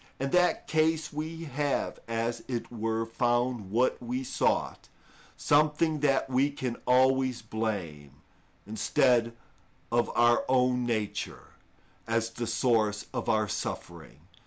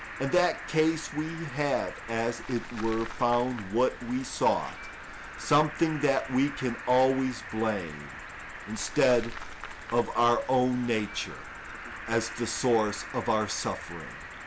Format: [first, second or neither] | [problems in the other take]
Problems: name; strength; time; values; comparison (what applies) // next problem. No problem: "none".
first | background sound (Cricket); 12 dB below the speech